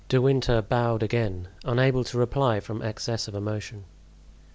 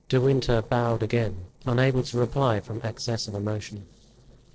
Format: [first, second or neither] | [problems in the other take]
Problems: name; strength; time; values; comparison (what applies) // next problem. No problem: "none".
first | noise reduction (neural separator model SepFormer DNS4)